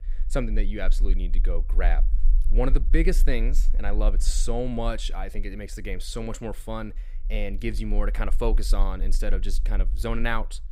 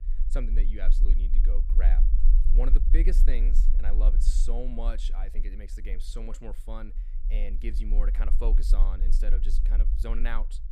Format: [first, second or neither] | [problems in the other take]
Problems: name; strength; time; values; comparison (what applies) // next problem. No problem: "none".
first | low rumble; loud; throughout; 10 dB below the speech; faint in the first